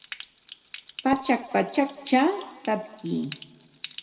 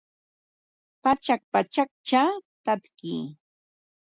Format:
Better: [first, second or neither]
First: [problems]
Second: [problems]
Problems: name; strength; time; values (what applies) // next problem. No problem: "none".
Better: second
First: background sound (Stream); 18 dB below the speech // room echo; dies away in 1.2 s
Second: none